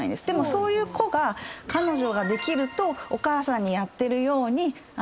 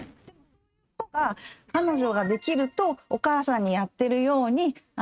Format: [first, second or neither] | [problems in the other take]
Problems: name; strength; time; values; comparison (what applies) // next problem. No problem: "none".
first | noise reduction (neural mask model RNNoise)